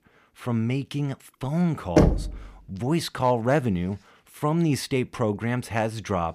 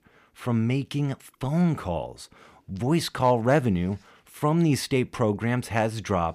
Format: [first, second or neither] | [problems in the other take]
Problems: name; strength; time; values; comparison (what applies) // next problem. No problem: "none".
second | door banging; loud; at 2 s; peak 6 dB above the speech